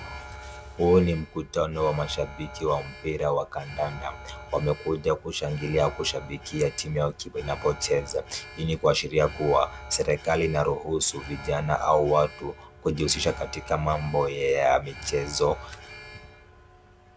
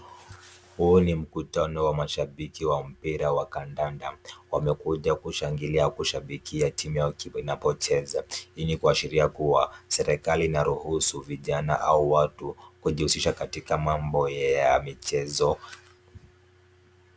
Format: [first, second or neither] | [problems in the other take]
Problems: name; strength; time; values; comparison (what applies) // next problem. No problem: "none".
second | background sound (Alarm); 15 dB below the speech